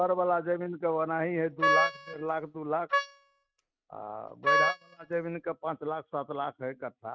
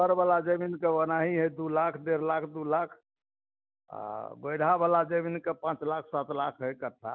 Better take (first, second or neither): second